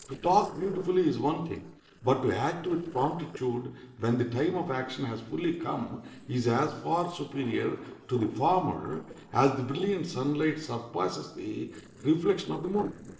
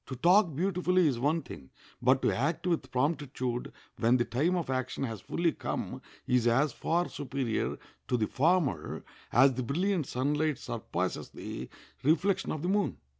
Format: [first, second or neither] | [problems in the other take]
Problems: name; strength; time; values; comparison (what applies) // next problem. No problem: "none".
second | noise reduction (neural separator model SepFormer DNS4)